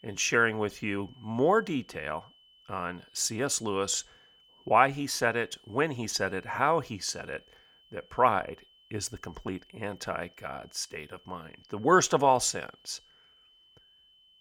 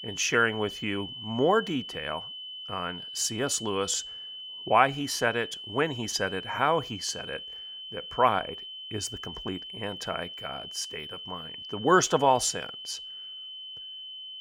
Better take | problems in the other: first | high-pitched whine; loud; throughout; 3 kHz, 10 dB below the speech; faint in the first

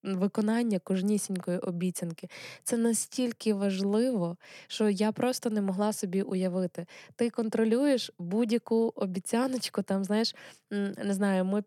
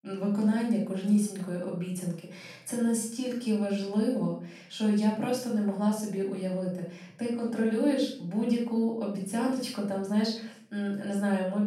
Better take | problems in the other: first | off-mic speech; far // room echo; noticeable; dies away in 0.5 s

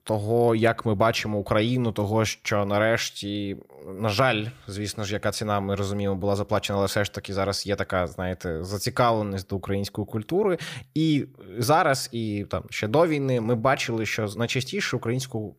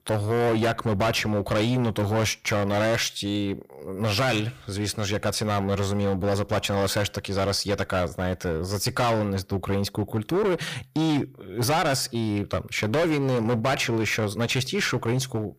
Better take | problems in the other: first | distortion; heavy; 16% of the sound clipped

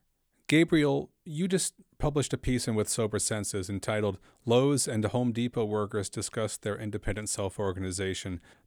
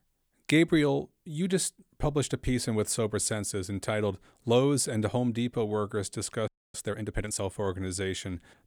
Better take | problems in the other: first | audio freezing; at 6.5 s

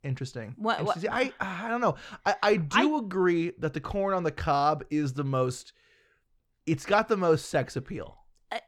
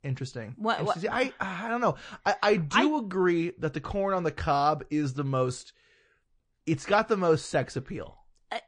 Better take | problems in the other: first | garbled, watery; slightly; nothing above 9 kHz

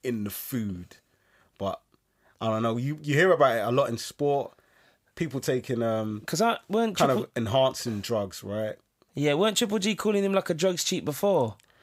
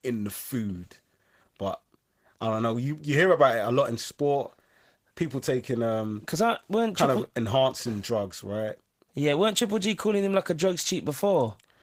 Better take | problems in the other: first | garbled, watery; slightly; nothing above 15.5 kHz

